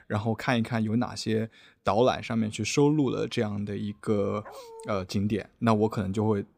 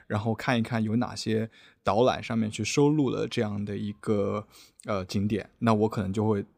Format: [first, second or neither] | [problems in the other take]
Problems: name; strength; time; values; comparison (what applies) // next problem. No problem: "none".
second | dog barking; faint; at 4.5 s; peak 15 dB below the speech